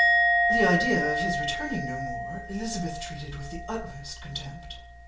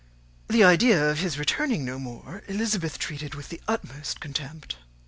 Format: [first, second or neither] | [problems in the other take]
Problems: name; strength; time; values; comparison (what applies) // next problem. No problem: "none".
second | background sound (Musical instrument); 4 dB above the speech // room echo; dies away in 0.4 s